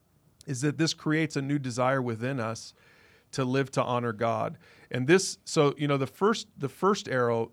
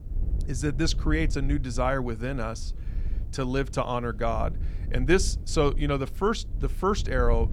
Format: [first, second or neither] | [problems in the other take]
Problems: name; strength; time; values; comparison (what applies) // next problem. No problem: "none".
first | wind noise on the microphone; occasional gusts; 20 dB below the speech